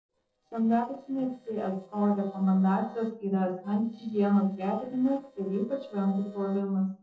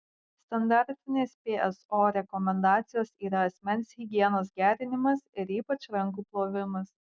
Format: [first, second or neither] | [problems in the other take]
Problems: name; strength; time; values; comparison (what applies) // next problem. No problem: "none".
second | noise reduction (neural separator model SepFormer DNS4)